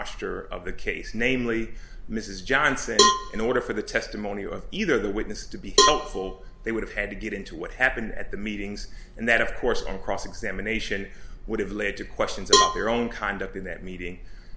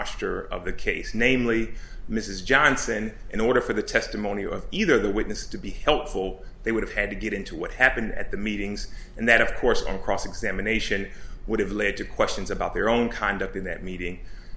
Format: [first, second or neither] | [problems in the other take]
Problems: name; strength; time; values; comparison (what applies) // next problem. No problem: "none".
second | background sound (Cowbell); 1 dB above the speech